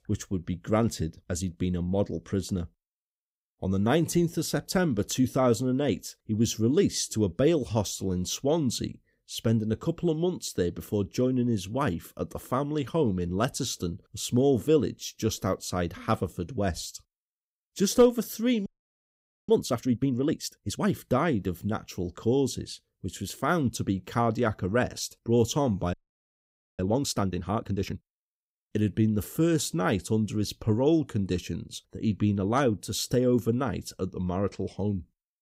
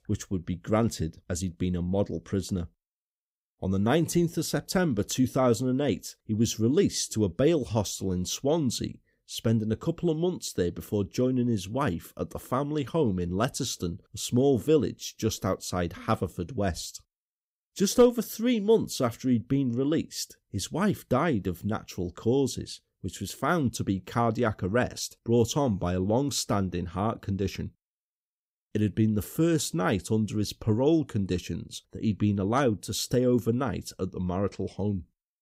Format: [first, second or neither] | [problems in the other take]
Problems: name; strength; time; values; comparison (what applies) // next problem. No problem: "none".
second | audio freezing; at 19 s for 1 s and at 26 s for 1 s